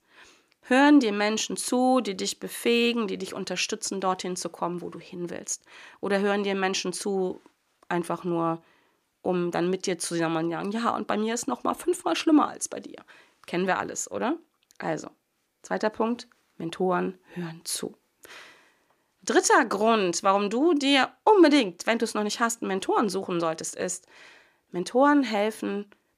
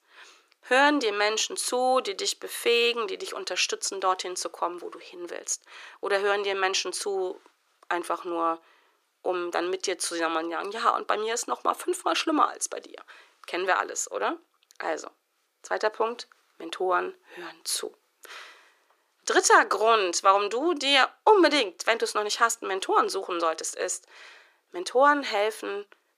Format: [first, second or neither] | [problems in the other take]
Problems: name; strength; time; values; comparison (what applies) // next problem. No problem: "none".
first | thin; somewhat; fading below 400 Hz